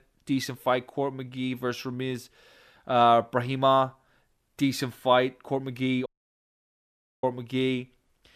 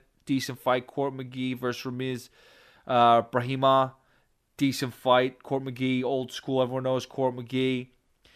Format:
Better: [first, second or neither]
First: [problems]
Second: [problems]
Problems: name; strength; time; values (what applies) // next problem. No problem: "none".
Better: second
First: audio cutting out; at 6 s for 1 s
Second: none